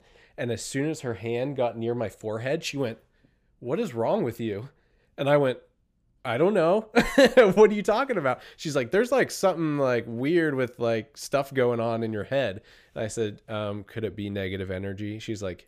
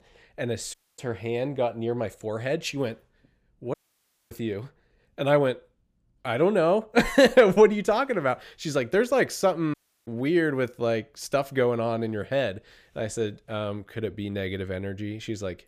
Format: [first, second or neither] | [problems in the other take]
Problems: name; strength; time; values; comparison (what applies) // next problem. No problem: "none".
first | audio cutting out; at 0.5 s, at 3.5 s for 0.5 s and at 9.5 s